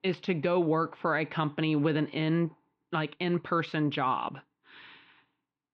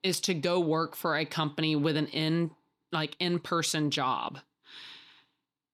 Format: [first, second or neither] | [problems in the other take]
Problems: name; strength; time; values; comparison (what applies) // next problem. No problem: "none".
second | muffled; very; fading above 2.5 kHz